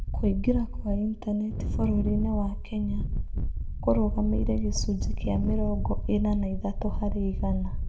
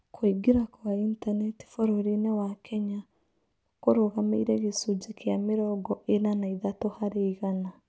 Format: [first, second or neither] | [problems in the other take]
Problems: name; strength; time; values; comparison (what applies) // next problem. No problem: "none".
second | background sound (Wind); 1 dB above the speech // room echo; dies away in 0.3 s